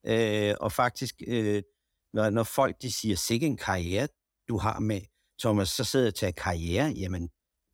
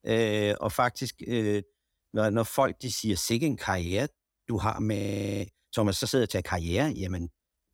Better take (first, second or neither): first